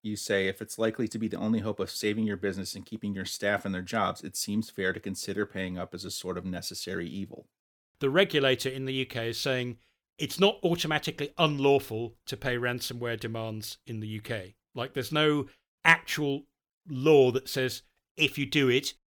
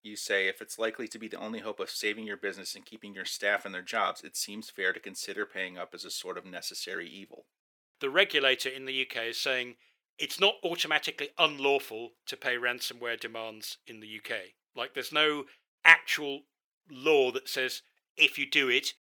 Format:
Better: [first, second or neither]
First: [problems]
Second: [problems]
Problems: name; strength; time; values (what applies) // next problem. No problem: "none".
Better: first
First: none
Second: thin; somewhat; fading below 400 Hz